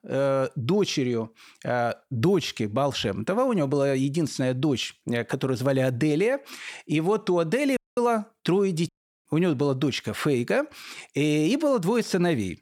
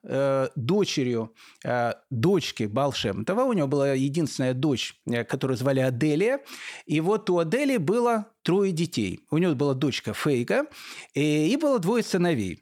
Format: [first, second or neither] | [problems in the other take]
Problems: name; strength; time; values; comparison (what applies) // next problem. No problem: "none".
second | audio cutting out; at 8 s and at 9 s